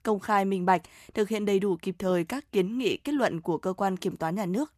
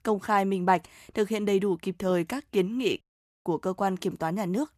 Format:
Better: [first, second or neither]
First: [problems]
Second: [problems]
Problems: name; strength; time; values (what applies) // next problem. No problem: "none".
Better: first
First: none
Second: audio cutting out; at 3 s